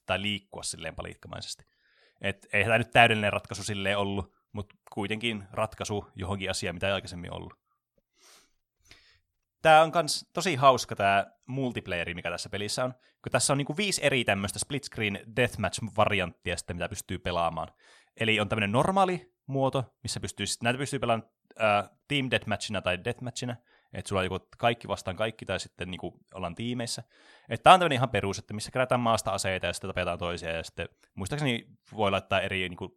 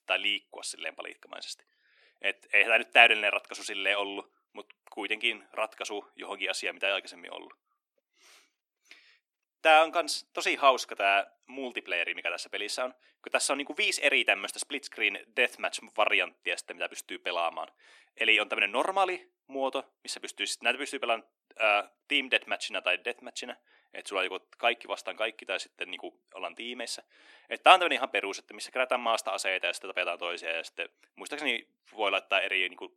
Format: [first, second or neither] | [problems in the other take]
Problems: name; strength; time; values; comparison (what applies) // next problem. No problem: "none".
first | thin; somewhat; fading below 300 Hz